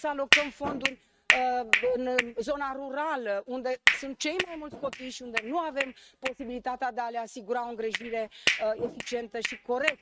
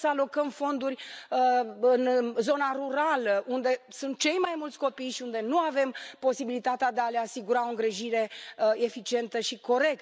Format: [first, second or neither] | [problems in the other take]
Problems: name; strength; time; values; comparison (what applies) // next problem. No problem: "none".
second | noise reduction (neural mask model RNNoise)